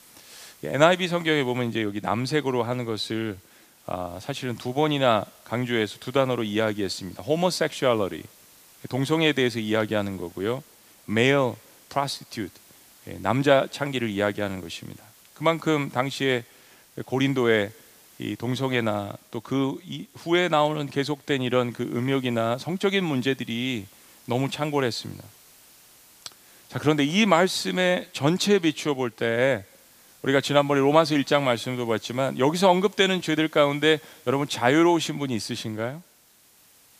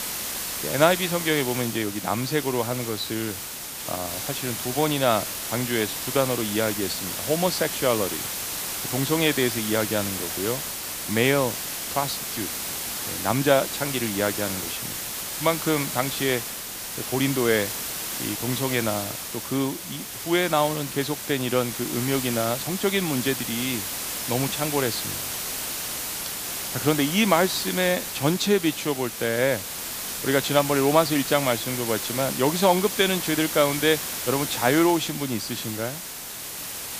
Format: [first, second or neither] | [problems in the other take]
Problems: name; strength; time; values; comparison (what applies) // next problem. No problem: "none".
first | hiss; loud; throughout; 4 dB below the speech; faint in the first